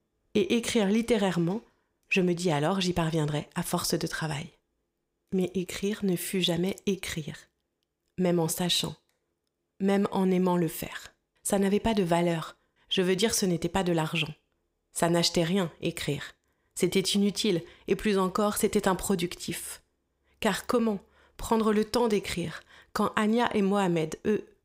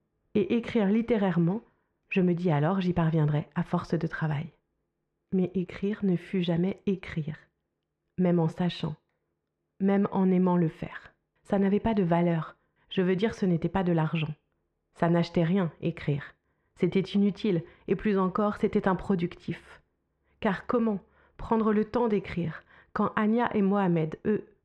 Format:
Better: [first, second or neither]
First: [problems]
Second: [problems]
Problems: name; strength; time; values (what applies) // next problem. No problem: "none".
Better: first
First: none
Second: muffled; very; fading above 2 kHz